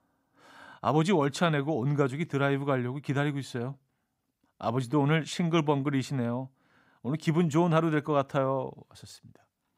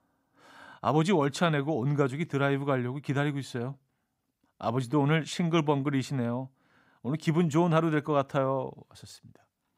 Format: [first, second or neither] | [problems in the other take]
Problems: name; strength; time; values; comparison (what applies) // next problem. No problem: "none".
neither | none